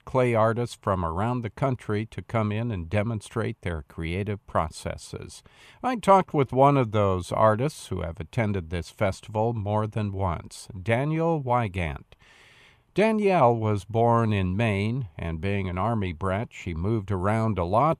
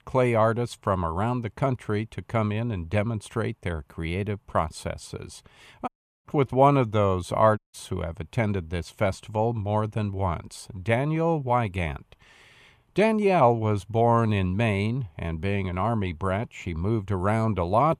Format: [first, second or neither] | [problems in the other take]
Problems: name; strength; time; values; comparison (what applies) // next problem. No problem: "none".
first | audio cutting out; at 6 s and at 7.5 s